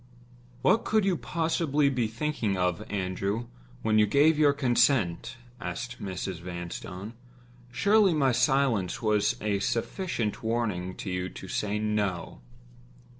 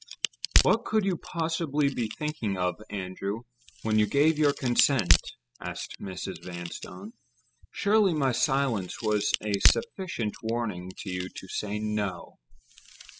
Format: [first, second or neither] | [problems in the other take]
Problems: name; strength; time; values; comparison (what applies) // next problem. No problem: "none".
first | noise reduction (classical method spectral subtraction)